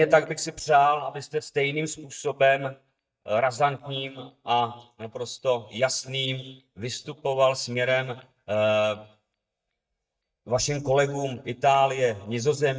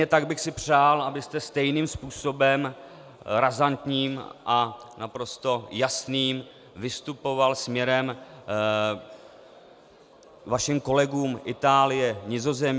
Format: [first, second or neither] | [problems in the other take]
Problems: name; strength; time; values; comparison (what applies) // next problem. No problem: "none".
second | noise reduction (neural mask model DeepFilterNet 3)